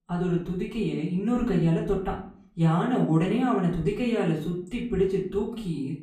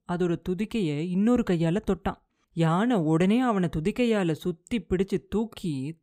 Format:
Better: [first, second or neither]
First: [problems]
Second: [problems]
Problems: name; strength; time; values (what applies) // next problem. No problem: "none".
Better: second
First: room echo; slight; dies away in 0.4 s // off-mic speech; far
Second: none